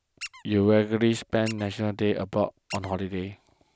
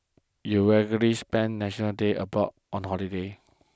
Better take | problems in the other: second | background sound (Squeak); 19 dB below the speech

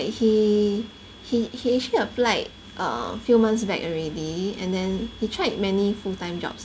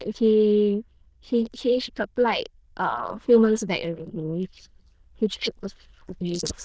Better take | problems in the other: first | noise reduction (neural diffusion model UNIVERSE++)

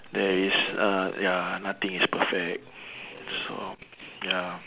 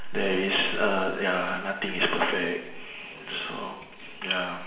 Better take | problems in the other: first | room echo; dies away in 1 s

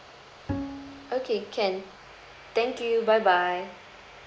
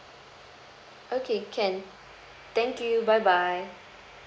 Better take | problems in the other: second | background sound (Bowed string instrument); 10 dB below the speech

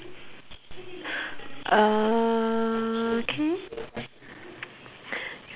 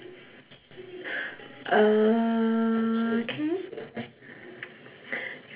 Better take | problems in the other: first | room echo; dies away in 0.3 s

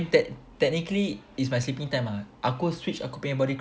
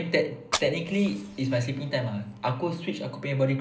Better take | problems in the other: first | background sound (Fire); 10 dB below the speech // room echo; dies away in 0.5 s

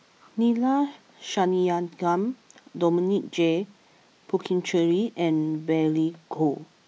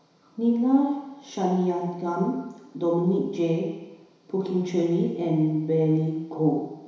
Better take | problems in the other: first | room echo; dies away in 1 s

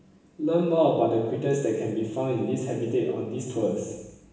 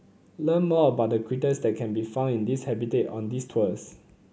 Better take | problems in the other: second | room echo; dies away in 0.9 s

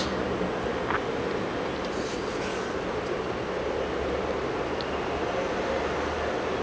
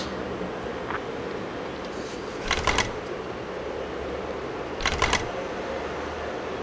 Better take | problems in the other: first | background sound (Telephone); 2 dB above the speech

